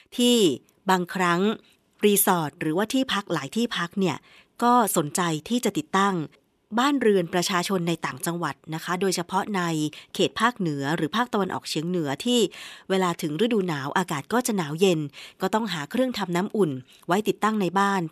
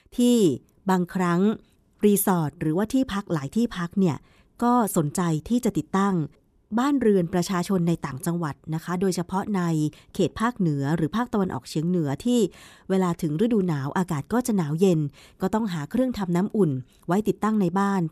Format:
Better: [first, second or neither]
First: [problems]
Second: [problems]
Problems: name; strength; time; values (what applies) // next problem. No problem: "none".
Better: second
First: thin; very slightly; fading below 450 Hz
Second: none